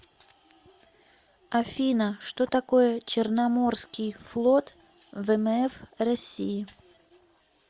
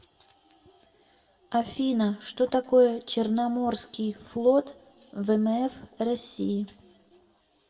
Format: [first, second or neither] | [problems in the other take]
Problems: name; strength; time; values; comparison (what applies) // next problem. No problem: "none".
first | room echo; dies away in 0.6 s